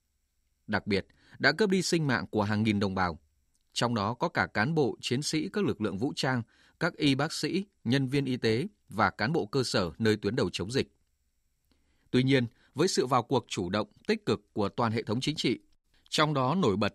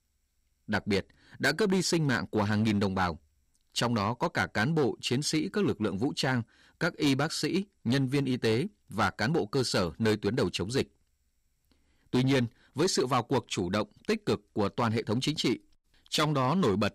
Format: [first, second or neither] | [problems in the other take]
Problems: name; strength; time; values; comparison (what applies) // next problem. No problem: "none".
first | distortion; slight; 6% of the sound clipped